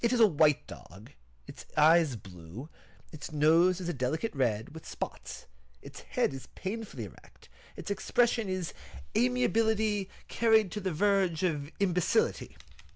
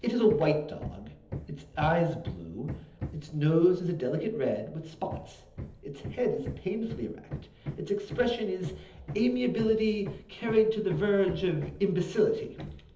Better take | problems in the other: first | background sound (Hammer); 13 dB below the speech // room echo; dies away in 1.2 s

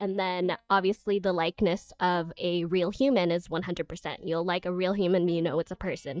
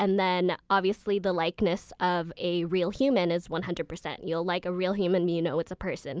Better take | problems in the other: second | noise reduction (neural mask model DeepFilterNet 3)

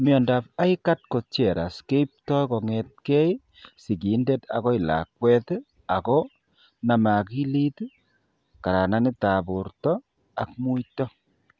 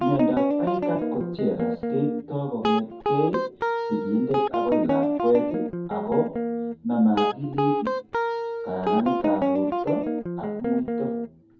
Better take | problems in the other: first | background sound (Guitar); 1 dB above the speech // room echo; dies away in 0.5 s

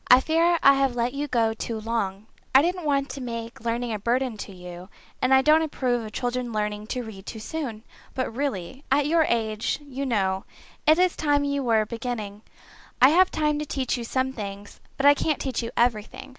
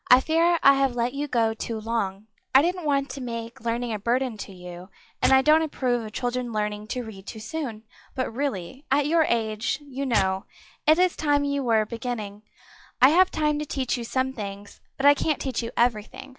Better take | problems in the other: first | noise reduction (classical method log-MMSE)

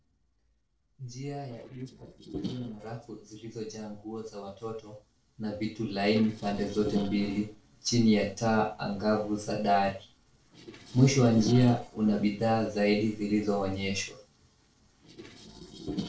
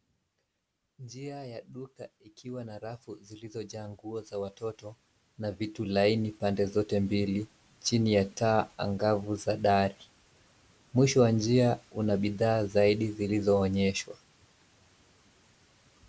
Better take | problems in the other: second | noise reduction (neural separator model SepFormer DNS4)

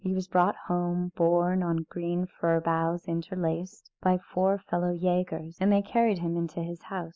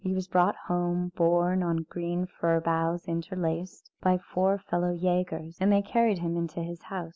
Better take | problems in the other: second | noise reduction (neural mask model Resemble Enhance denoiser)

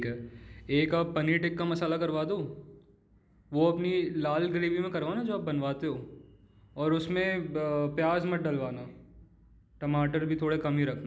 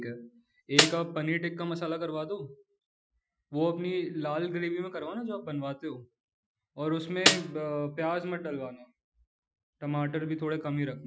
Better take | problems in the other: first | noise reduction (classical method Wiener filter)

